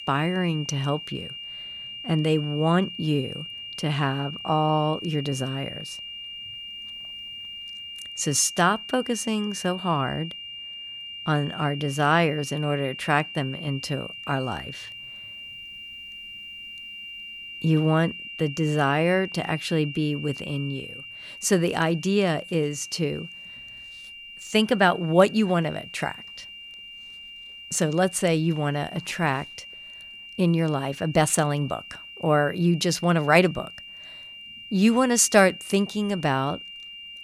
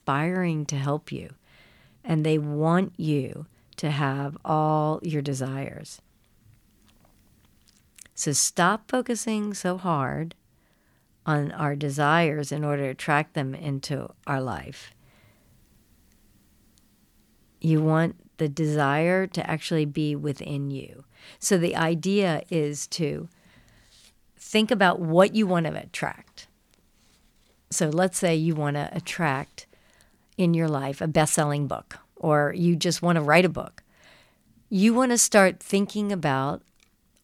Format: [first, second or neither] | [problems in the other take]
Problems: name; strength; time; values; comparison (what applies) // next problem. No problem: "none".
second | high-pitched whine; noticeable; throughout; 3 kHz, 10 dB below the speech